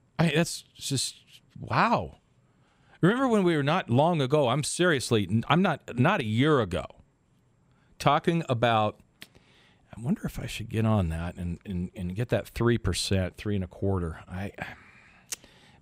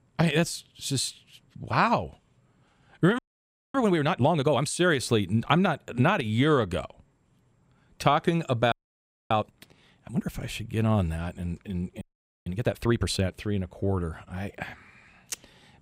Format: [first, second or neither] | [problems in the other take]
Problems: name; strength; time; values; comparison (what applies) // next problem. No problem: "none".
first | audio freezing; at 3 s for 0.5 s, at 8.5 s for 0.5 s and at 12 s